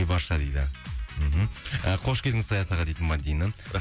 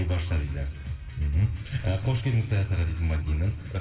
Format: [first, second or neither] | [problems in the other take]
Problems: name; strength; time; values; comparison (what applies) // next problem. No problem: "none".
first | room echo; dies away in 2 s